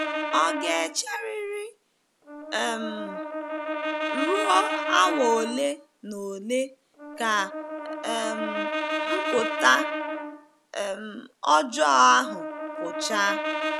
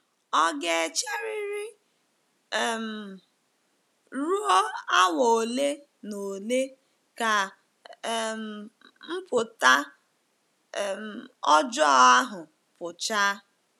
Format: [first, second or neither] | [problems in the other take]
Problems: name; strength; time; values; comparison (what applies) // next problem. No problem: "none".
second | background sound (Brass instrument); 5 dB below the speech